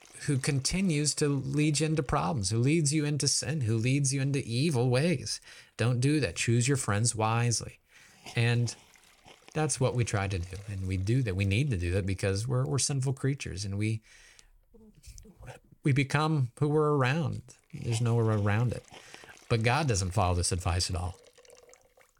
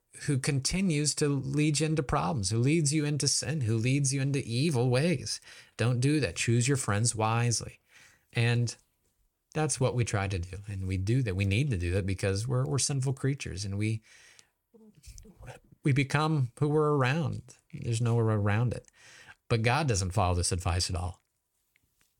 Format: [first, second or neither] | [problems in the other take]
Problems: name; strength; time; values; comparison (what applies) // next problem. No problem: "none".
second | hiss; faint; throughout; 25 dB below the speech